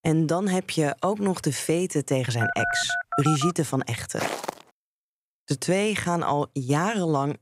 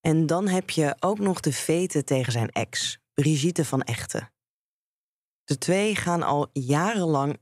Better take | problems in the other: second | phone ringing; noticeable; from 2.5 to 3.5 s; peak level with the speech // footsteps; noticeable; at 4 s; peak 4 dB below the speech

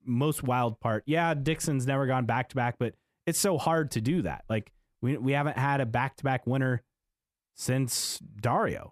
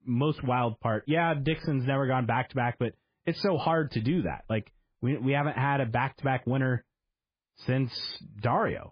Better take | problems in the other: first | garbled, watery; badly; nothing above 5 kHz

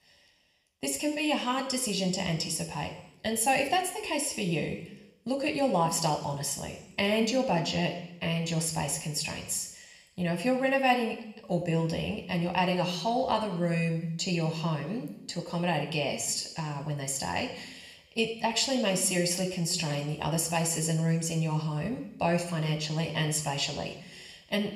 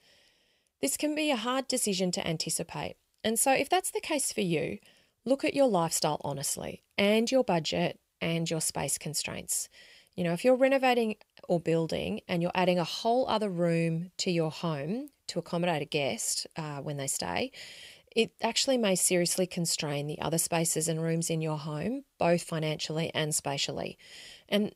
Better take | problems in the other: second | room echo; slight; dies away in 0.8 s

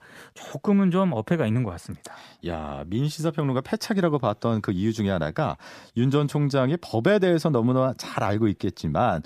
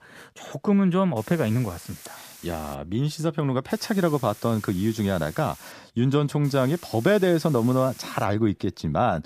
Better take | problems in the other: first | hiss; noticeable; from 1 to 3 s, from 3.5 to 5.5 s and from 6.5 to 8 s; 20 dB below the speech

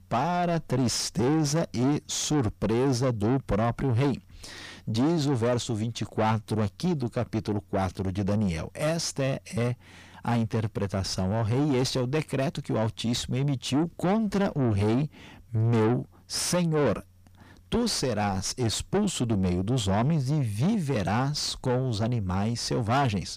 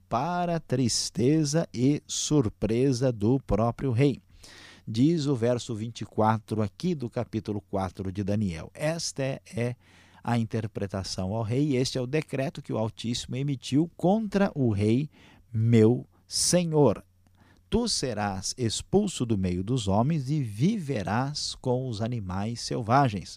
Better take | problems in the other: second | distortion; heavy; 7 dB below the speech

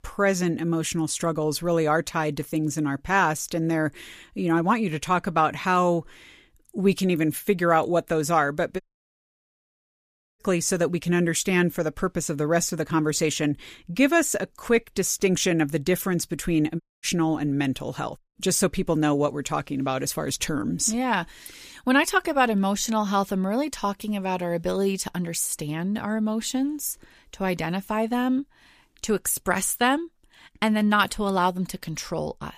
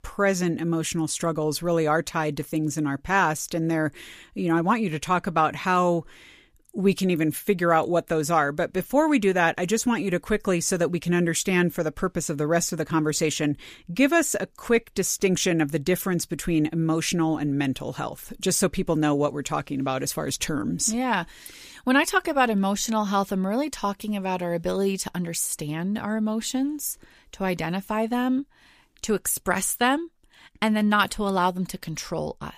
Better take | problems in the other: second | audio cutting out; at 9 s for 1.5 s, at 17 s and at 18 s

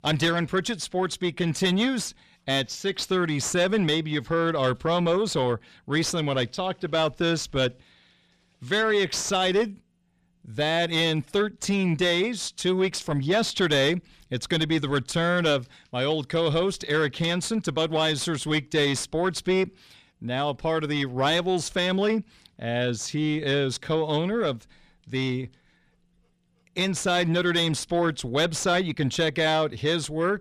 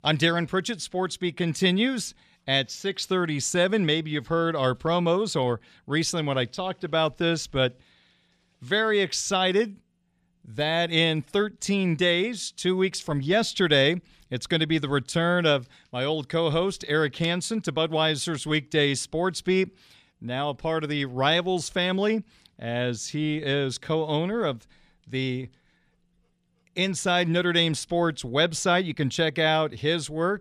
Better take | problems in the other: second | distortion; slight; 10 dB below the speech

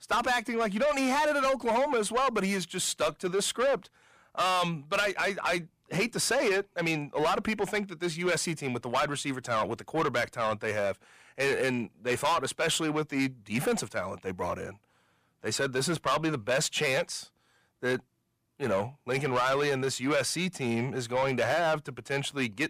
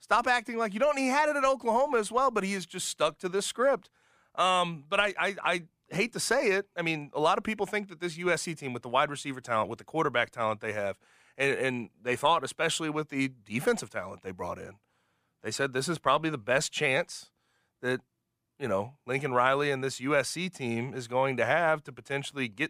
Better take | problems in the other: second | distortion; heavy; 8 dB below the speech

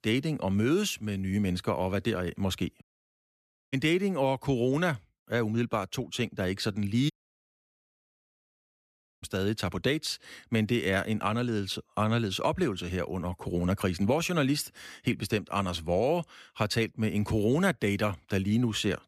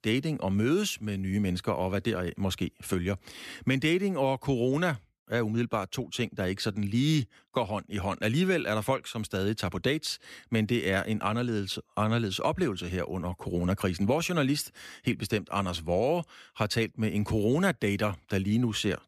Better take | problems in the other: second | audio cutting out; at 3 s for 1 s and at 7 s for 2 s

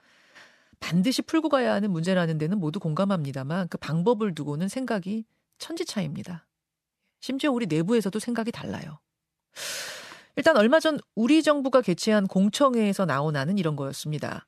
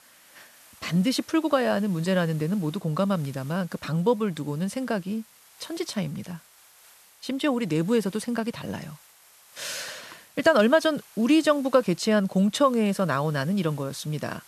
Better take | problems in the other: first | hiss; faint; throughout; 25 dB below the speech

